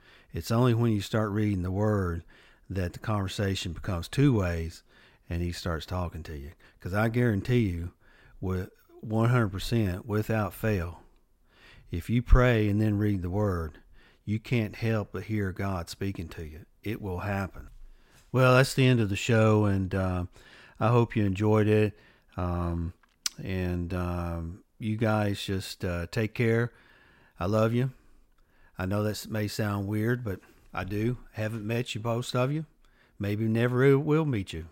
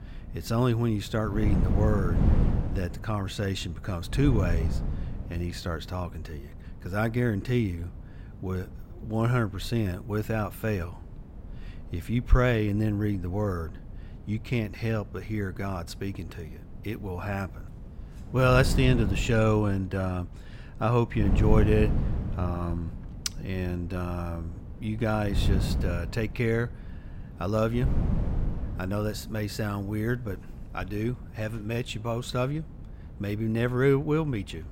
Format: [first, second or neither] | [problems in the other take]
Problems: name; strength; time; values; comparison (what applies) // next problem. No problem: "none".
first | wind noise on the microphone; occasional gusts; 15 dB below the speech